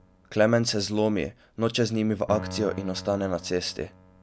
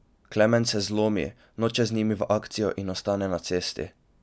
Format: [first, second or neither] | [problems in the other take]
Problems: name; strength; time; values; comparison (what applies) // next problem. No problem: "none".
second | background sound (Keyboard (musical)); 16 dB below the speech